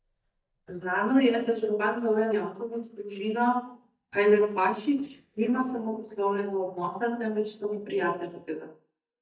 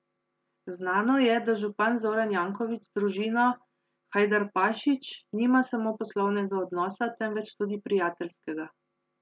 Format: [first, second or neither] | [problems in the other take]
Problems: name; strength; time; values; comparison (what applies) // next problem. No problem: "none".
second | noise reduction (neural mask model DeepFilterNet 3)